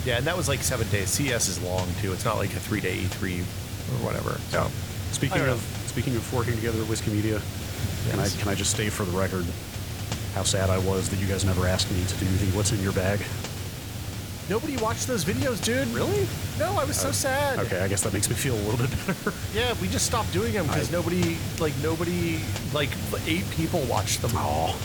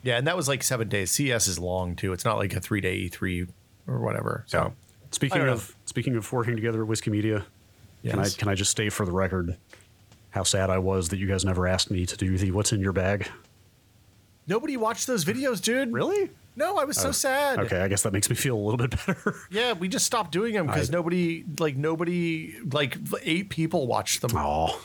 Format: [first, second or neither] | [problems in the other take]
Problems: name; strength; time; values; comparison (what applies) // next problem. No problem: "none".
second | hiss; loud; throughout; 4 dB below the speech; faint in the second